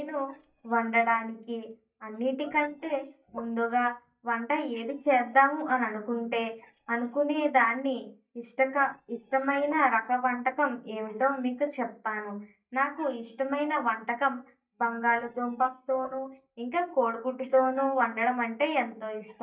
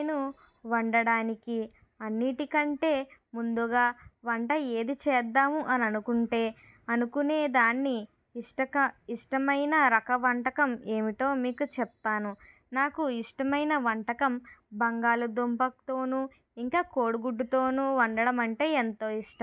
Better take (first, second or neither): second